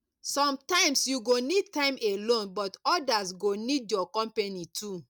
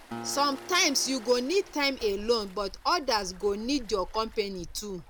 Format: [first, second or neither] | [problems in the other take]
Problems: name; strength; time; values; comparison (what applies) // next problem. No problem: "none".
first | background sound (Acoustic guitar + Waves, surf); 15 dB below the speech